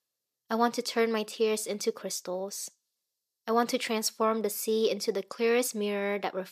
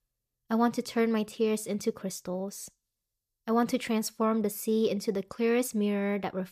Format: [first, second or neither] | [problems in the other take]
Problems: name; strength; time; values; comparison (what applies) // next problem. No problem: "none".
second | thin; very slightly; fading below 350 Hz